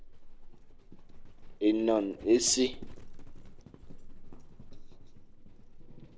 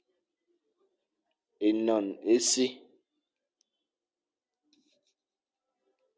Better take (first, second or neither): second